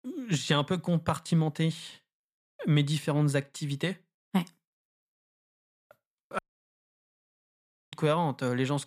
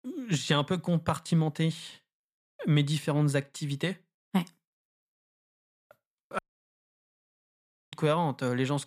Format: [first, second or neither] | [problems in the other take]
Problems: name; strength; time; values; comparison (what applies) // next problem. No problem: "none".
neither | audio cutting out; at 6.5 s for 1.5 s; the same in both